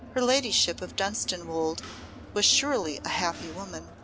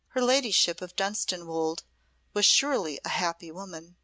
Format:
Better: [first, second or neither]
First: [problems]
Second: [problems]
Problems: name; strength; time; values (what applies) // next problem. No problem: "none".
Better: second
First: background sound (Mechanisms + Crowd); 15 dB below the speech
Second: none